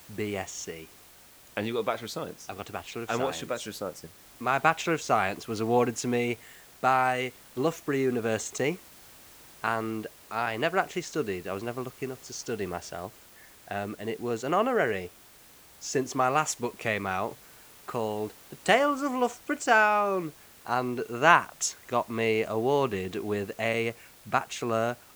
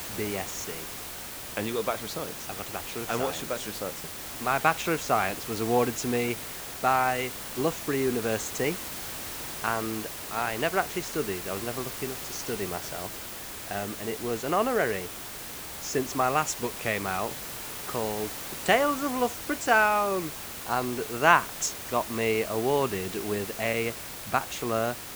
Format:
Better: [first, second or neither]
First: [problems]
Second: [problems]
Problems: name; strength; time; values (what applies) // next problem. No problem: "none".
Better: first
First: hiss; faint; throughout; 20 dB below the speech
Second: hiss; loud; throughout; 7 dB below the speech